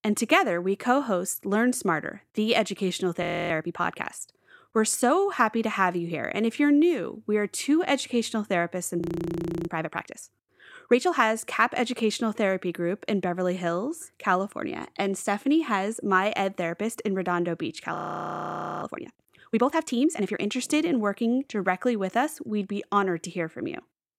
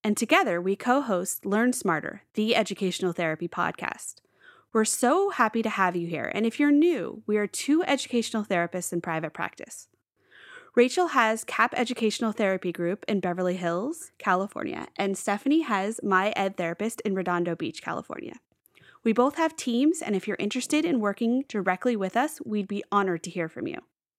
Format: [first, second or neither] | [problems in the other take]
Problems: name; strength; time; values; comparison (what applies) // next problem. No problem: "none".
second | audio freezing; at 3 s, at 9 s for 0.5 s and at 18 s for 1 s